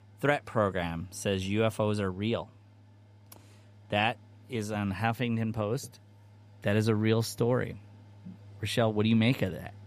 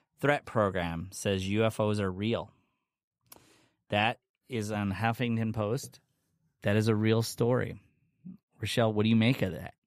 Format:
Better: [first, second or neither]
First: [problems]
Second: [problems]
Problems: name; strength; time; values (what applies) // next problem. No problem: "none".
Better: second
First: machinery noise; faint; throughout; 25 dB below the speech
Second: none